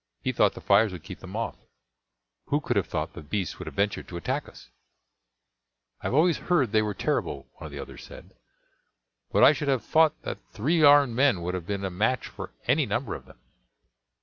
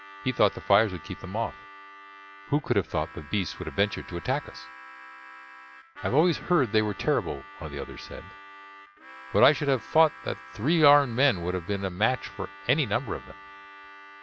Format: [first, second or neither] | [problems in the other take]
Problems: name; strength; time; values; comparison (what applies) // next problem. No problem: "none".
first | background sound (Harmonica); 18 dB below the speech